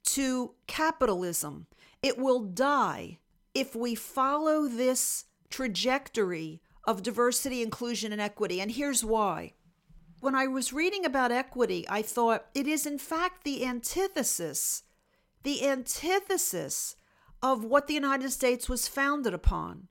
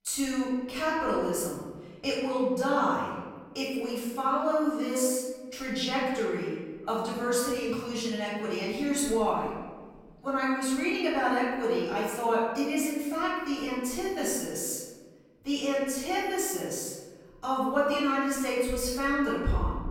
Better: first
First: none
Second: off-mic speech; far // room echo; noticeable; dies away in 1.3 s

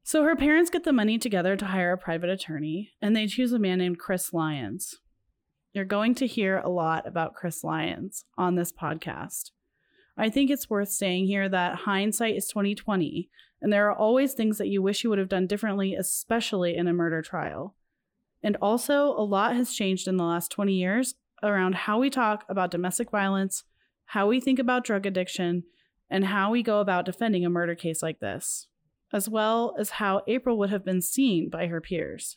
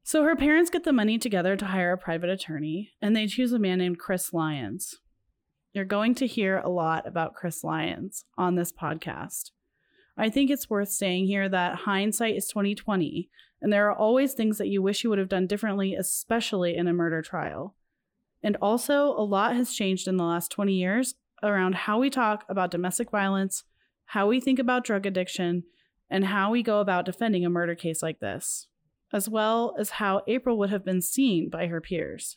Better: neither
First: none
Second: none

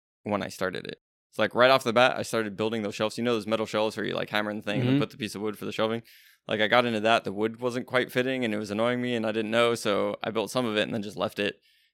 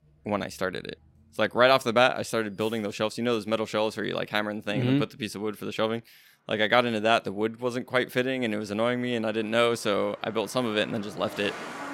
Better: first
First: none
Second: traffic noise; noticeable; throughout; 20 dB below the speech

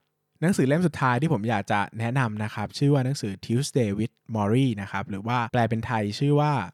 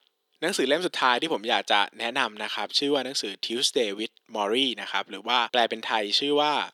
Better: first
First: none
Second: thin; somewhat; fading below 300 Hz

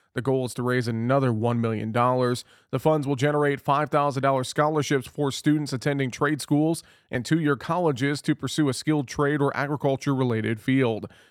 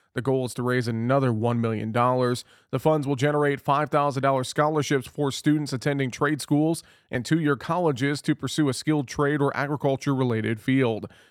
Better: neither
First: none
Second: none

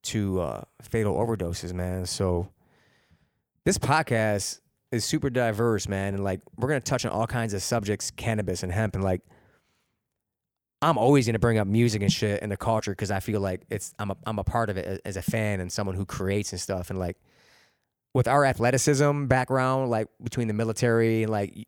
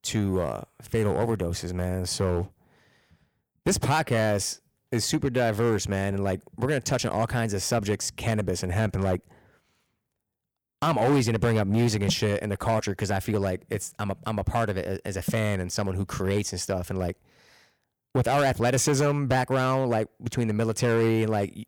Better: first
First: none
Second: distortion; slight; 5% of the sound clipped

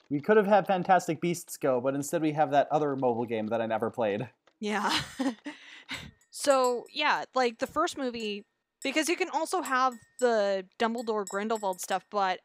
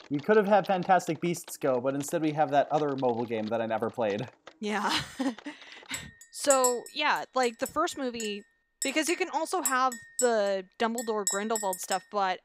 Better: first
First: household noises; faint; throughout; 20 dB below the speech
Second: household noises; loud; throughout; 6 dB below the speech

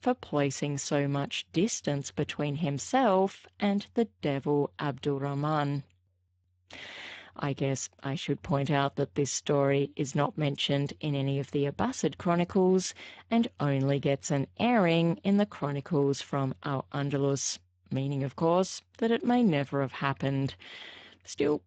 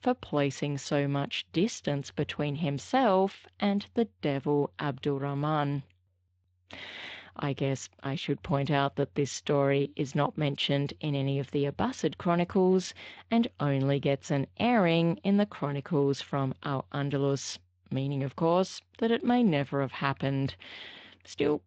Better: second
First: garbled, watery; badly; nothing above 7.5 kHz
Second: garbled, watery; slightly; nothing above 7.5 kHz

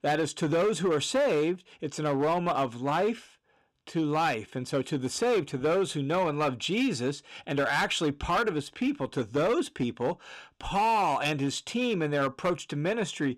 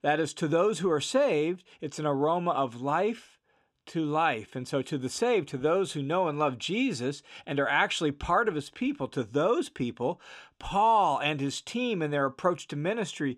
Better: second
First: distortion; slight; 9% of the sound clipped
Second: none

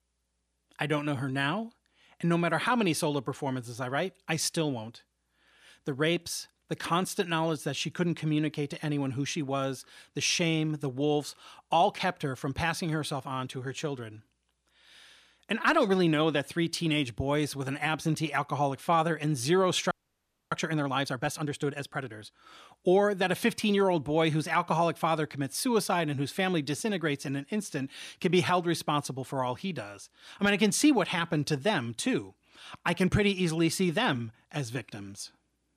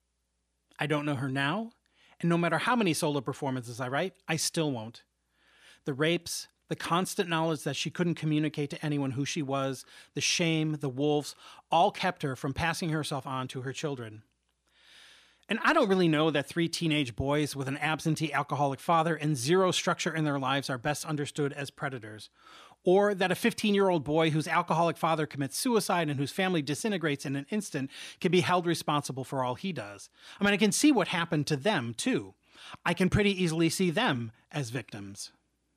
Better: second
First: audio freezing; at 20 s for 0.5 s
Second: none

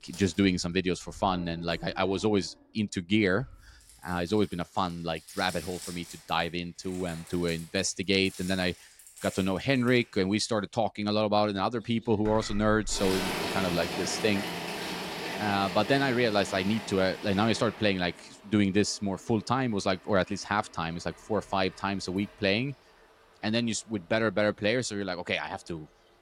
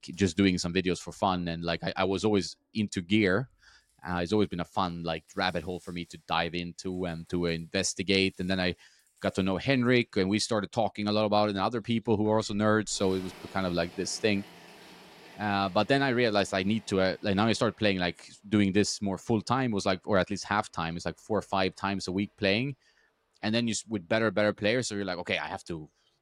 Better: second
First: household noises; loud; throughout; 9 dB below the speech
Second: household noises; faint; throughout; 25 dB below the speech

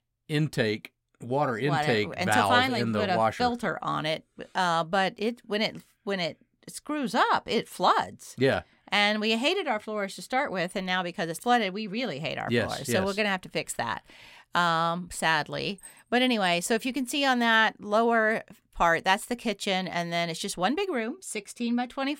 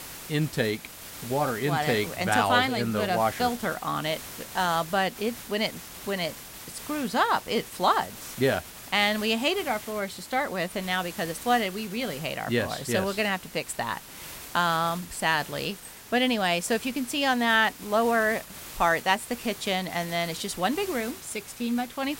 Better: first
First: none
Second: hiss; noticeable; throughout; 15 dB below the speech

